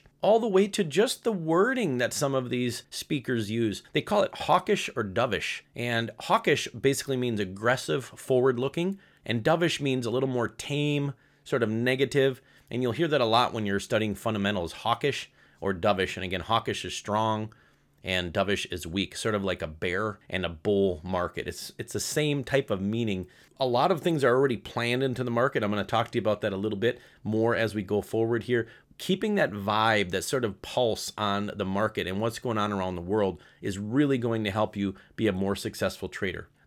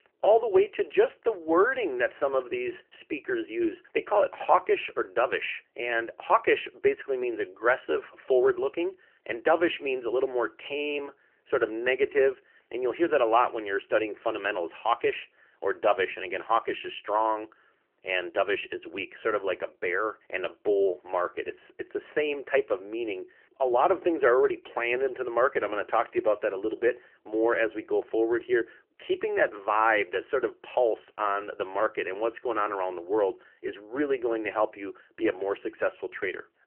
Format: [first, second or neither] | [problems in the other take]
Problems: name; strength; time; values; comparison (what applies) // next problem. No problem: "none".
first | phone-call audio; nothing above 3 kHz